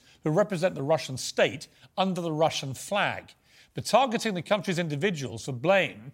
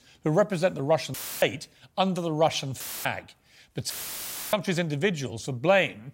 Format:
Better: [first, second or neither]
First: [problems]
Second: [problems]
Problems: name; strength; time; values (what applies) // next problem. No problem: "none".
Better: first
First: none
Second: audio cutting out; filled with static; at 1 s, at 3 s and at 4 s for 0.5 s